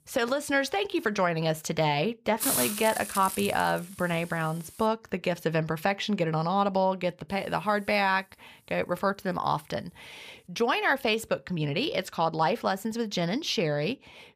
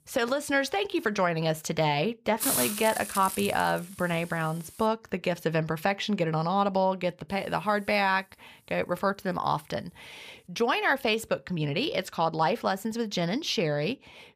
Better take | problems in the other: neither | hiss; loud; until 5 s and from 7.5 to 12 s; 5 dB below the speech; the same in both

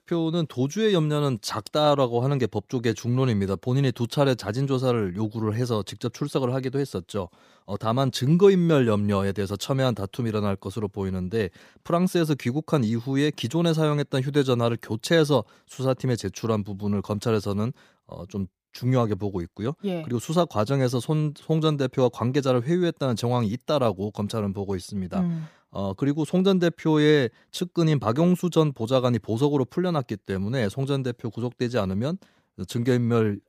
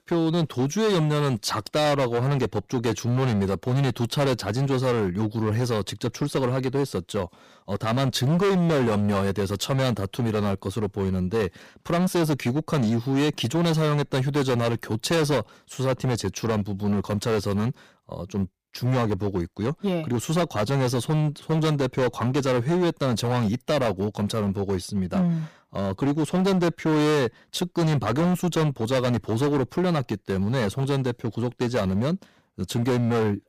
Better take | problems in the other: first | distortion; heavy; 17% of the sound clipped

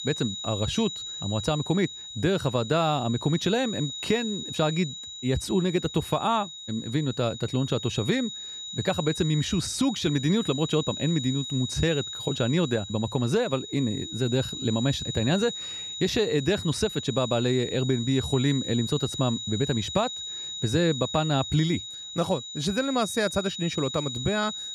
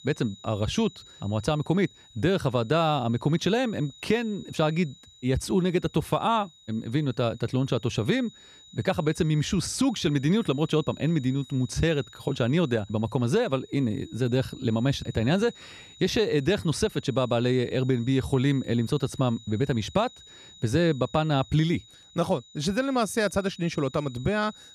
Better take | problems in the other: second | high-pitched whine; loud; throughout; 4 kHz, 7 dB below the speech; faint in the second

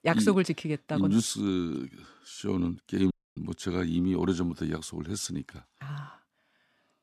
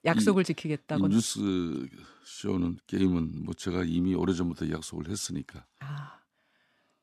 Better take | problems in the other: second | audio cutting out; at 3 s

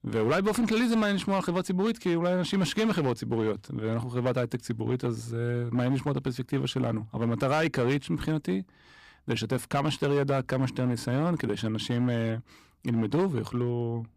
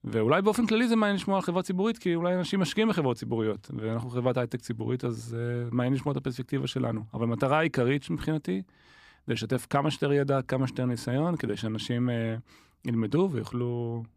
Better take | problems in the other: second | distortion; slight; 8% of the sound clipped

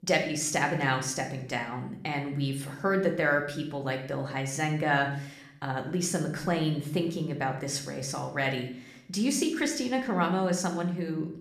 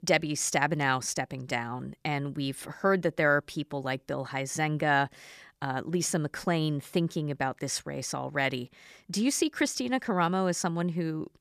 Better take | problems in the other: second | room echo; slight; dies away in 0.6 s

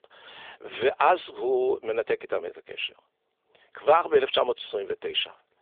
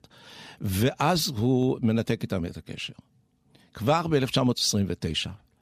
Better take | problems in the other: second | phone-call audio; nothing above 3.5 kHz

